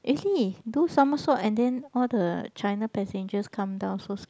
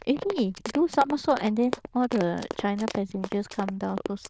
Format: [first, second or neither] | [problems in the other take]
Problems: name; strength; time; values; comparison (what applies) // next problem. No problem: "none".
first | noise reduction (neural diffusion model UNIVERSE++)